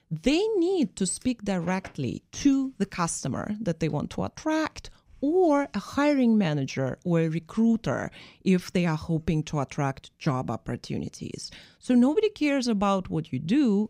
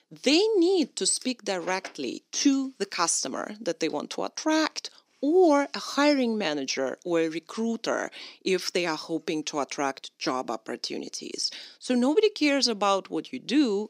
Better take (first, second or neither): first